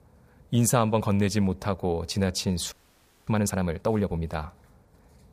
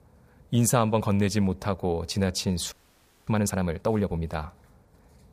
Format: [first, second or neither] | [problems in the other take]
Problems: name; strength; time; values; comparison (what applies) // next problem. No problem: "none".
neither | audio freezing; at 2.5 s for 0.5 s; the same in both